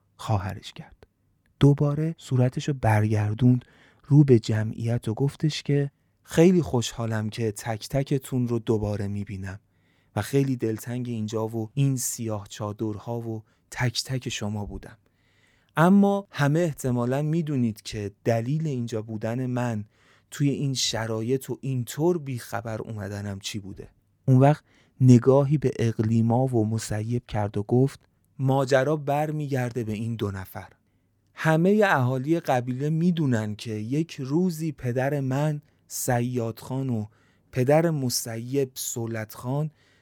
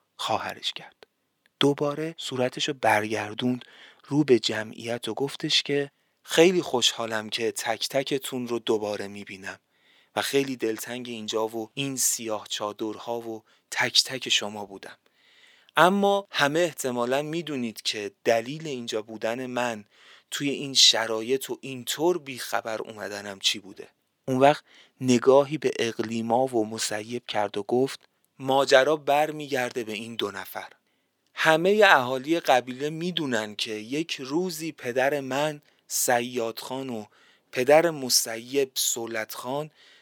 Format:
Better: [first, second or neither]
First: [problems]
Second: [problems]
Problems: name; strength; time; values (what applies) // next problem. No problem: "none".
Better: first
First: none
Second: thin; somewhat; fading below 400 Hz